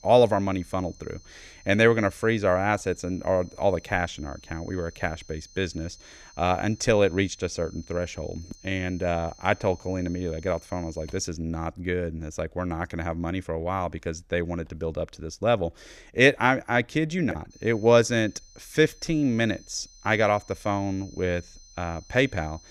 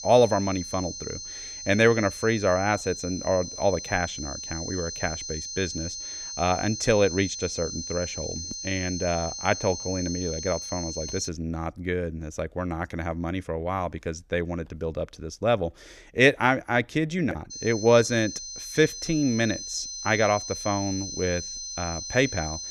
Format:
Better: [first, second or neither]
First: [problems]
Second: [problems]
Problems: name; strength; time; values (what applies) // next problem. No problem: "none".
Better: first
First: high-pitched whine; faint; until 11 s and from 18 s on; 6 kHz, 25 dB below the speech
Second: high-pitched whine; loud; until 11 s and from 18 s on; 6 kHz, 7 dB below the speech